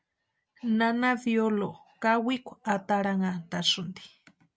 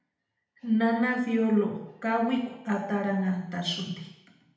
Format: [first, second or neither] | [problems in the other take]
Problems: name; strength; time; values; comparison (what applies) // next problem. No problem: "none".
first | room echo; dies away in 0.8 s